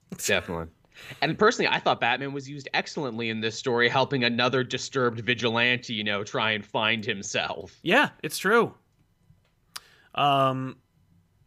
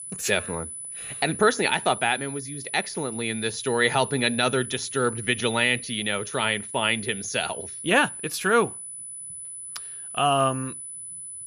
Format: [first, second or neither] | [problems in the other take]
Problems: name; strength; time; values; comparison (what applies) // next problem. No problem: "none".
first | high-pitched whine; loud; throughout; 10 kHz, 10 dB below the speech